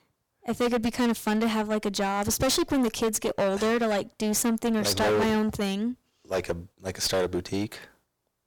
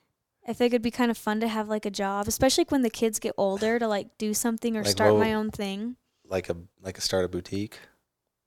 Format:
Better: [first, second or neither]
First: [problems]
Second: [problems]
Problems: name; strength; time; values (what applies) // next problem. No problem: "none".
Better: second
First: distortion; heavy; 16% of the sound clipped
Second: none